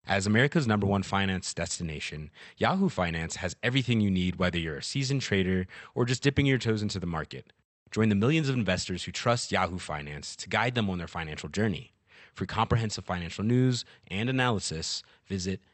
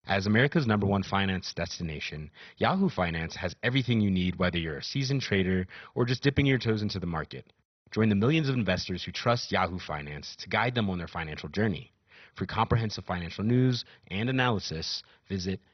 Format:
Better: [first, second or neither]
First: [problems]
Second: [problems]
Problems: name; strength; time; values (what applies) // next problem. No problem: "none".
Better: first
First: garbled, watery; slightly; nothing above 8.5 kHz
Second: garbled, watery; badly; nothing above 6 kHz